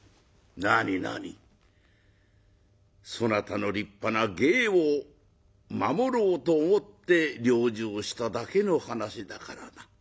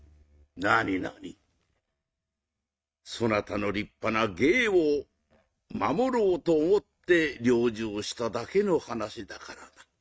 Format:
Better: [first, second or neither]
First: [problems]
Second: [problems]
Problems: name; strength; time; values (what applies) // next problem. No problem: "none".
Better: first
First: none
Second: noise reduction (neural mask model RNNoise)